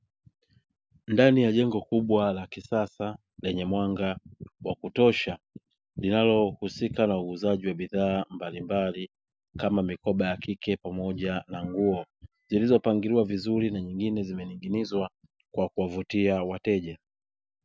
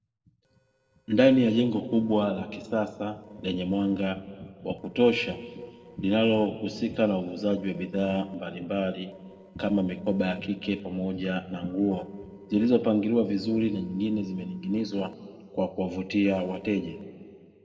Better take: first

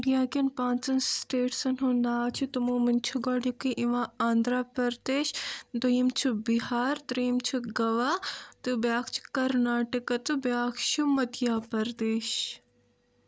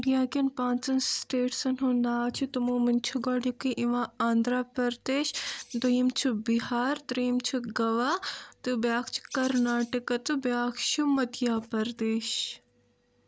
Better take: first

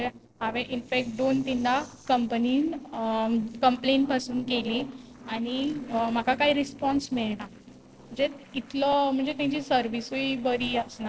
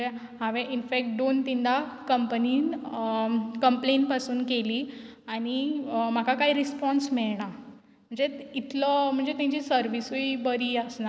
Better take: second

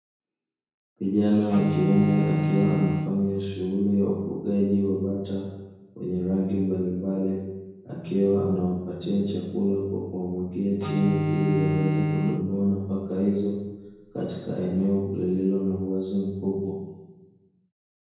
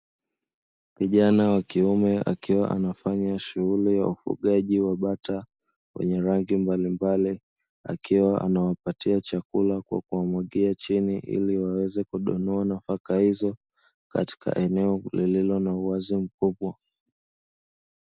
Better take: second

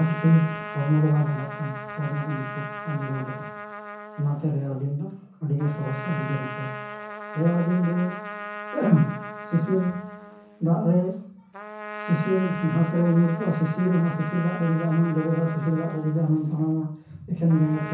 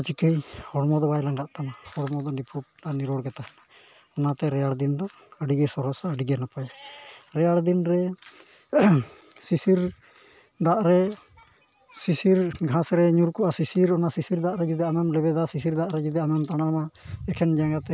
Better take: second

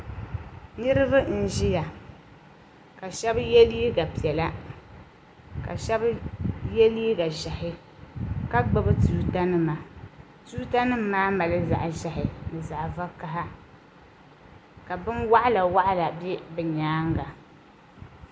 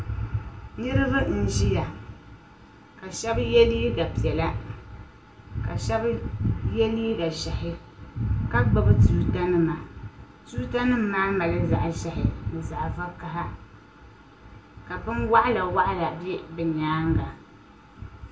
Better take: first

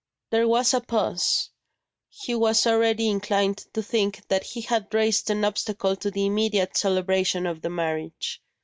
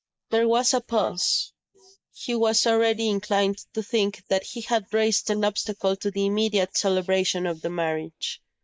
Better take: first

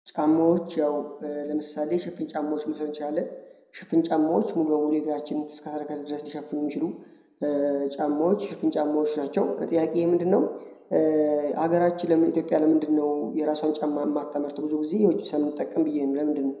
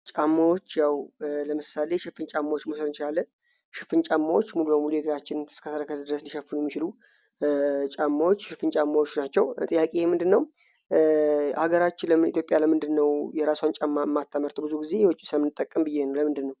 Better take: second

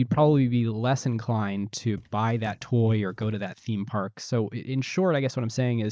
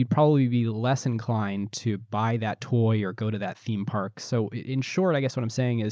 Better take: second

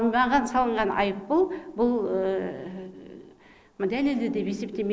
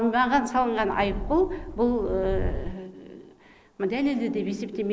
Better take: first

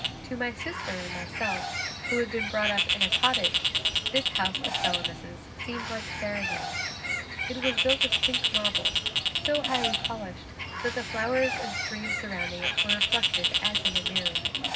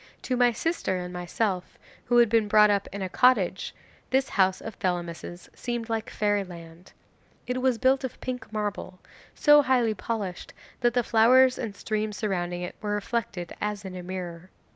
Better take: second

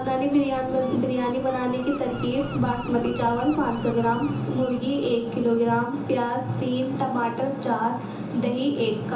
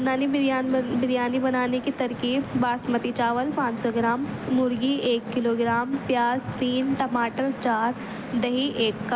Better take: second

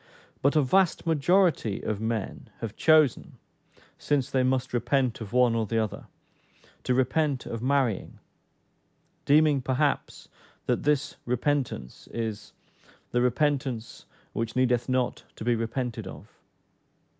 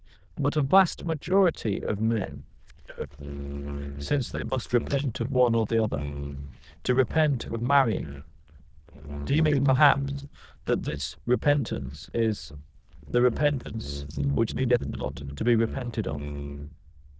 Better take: first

